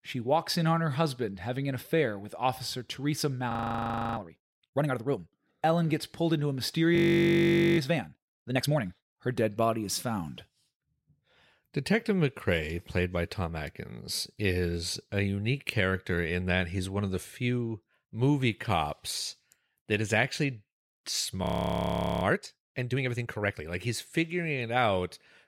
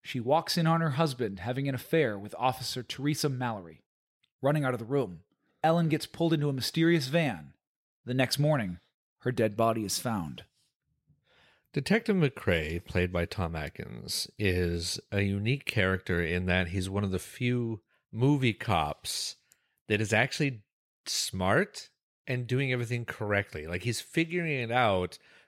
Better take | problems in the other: second | audio freezing; at 3.5 s for 0.5 s, at 7 s for 1 s and at 21 s for 1 s

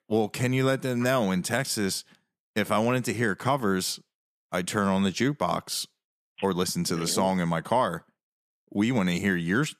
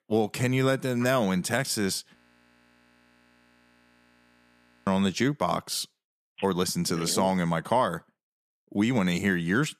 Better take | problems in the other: first | audio freezing; at 2 s for 2.5 s

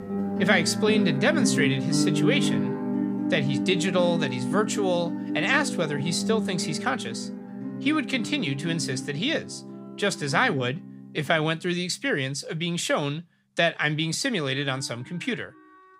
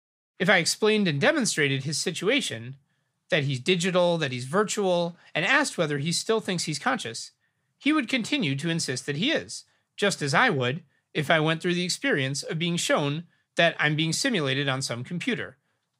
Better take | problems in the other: second | background music; loud; throughout; 3 dB below the speech

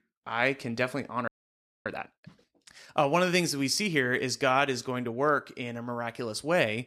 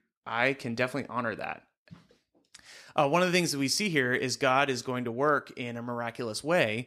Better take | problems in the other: second | audio freezing; at 1.5 s for 0.5 s

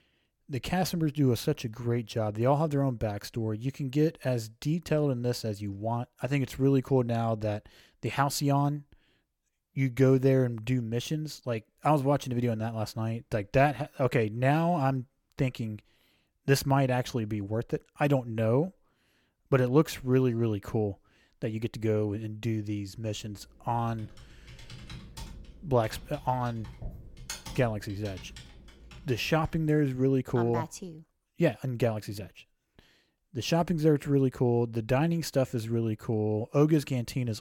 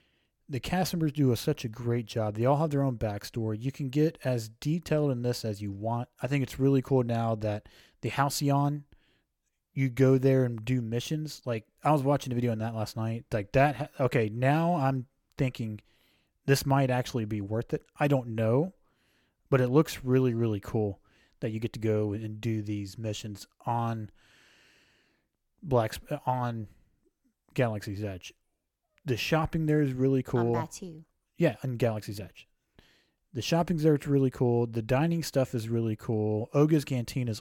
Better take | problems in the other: second | keyboard typing; faint; from 23 to 29 s; peak 10 dB below the speech

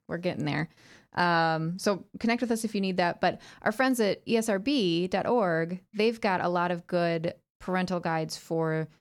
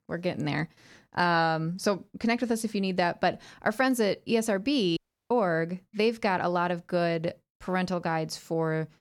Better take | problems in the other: first | audio cutting out; at 5 s

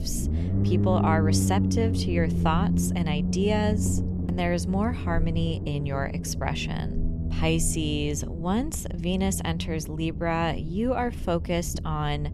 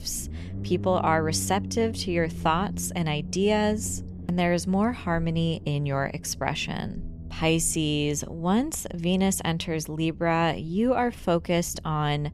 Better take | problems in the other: second | low rumble; loud; throughout; 8 dB below the speech; faint in the second

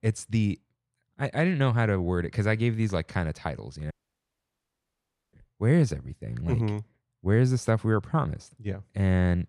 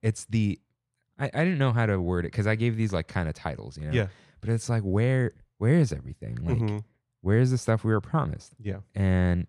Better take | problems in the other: second | audio cutting out; at 4 s for 1.5 s

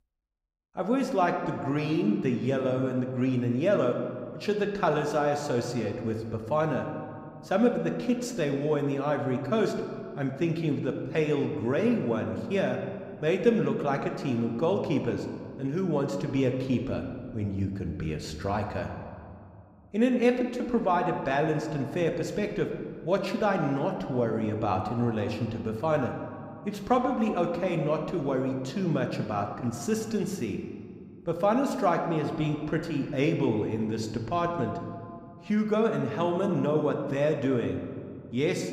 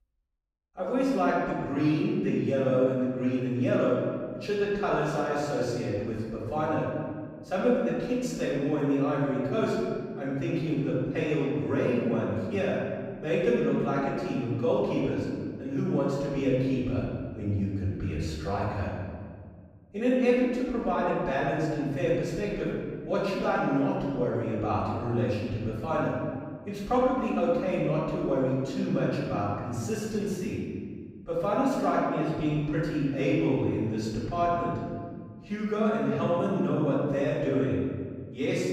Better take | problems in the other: first | room echo; strong; dies away in 1.8 s; slight in the first // off-mic speech; far

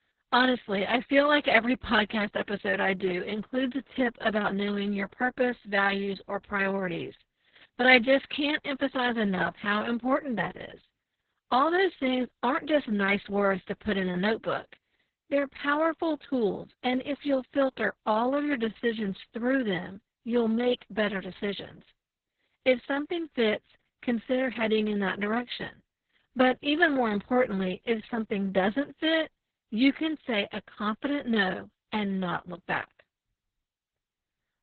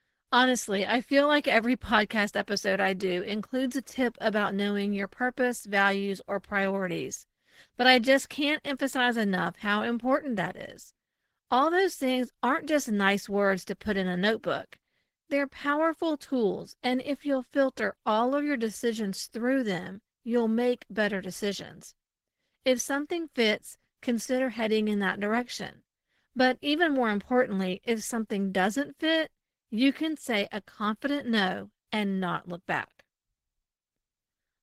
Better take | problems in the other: second | garbled, watery; badly; nothing above 4 kHz; slightly in the second

